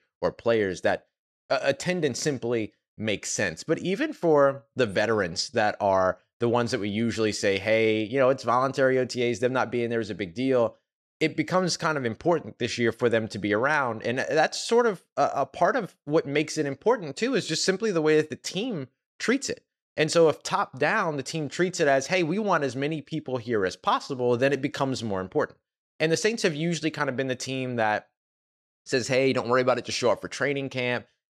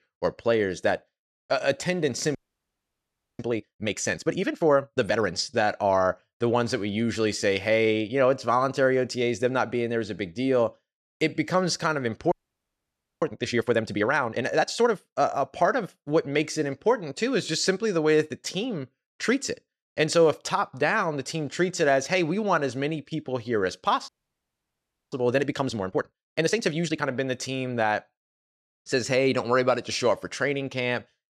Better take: first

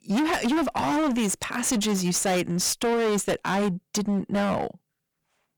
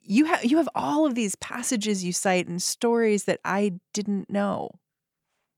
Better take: second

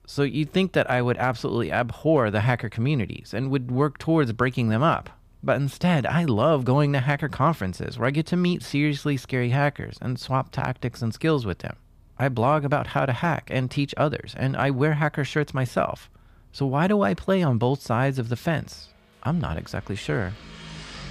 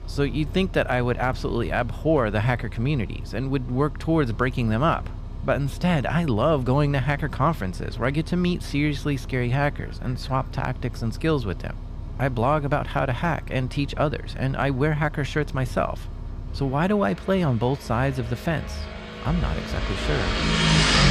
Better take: first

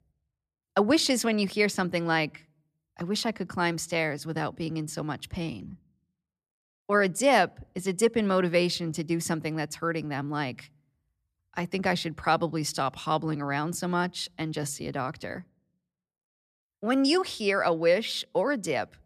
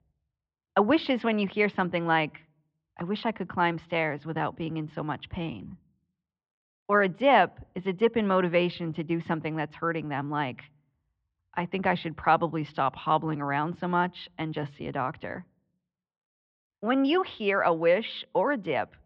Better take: first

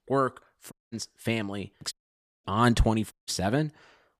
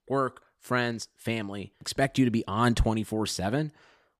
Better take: second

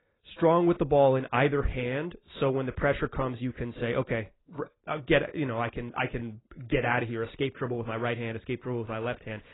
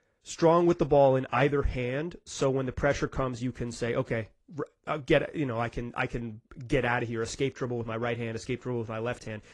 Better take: second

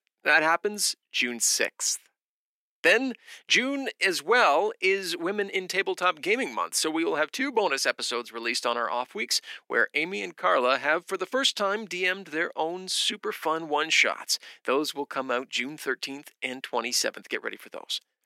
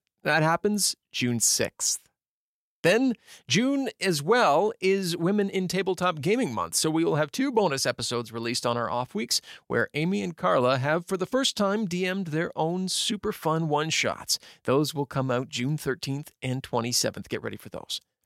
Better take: second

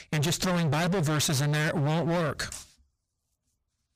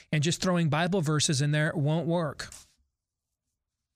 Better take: second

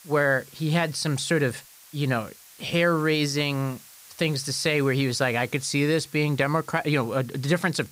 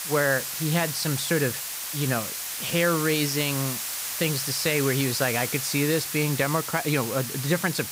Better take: first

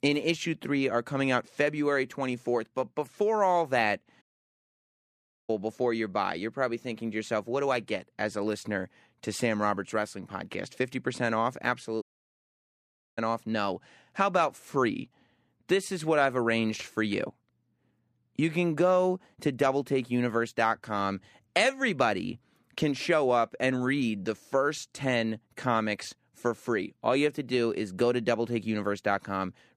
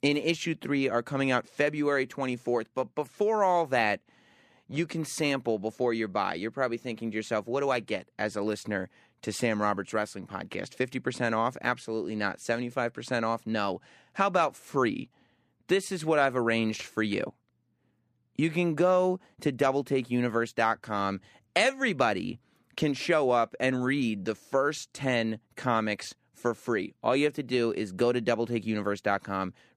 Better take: second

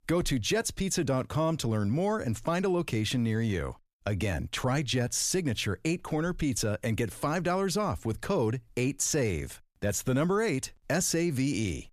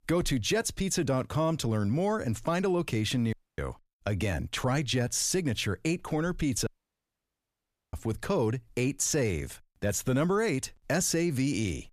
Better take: first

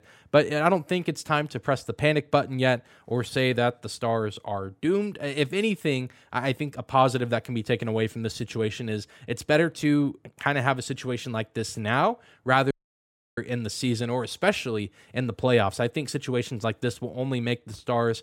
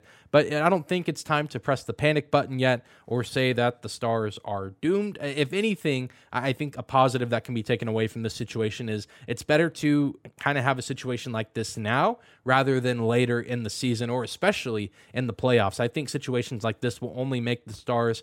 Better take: second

